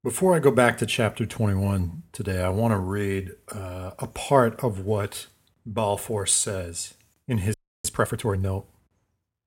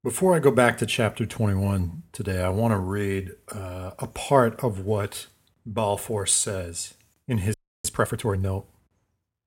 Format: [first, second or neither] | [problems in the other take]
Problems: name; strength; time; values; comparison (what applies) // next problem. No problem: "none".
neither | audio freezing; at 7.5 s; the same in both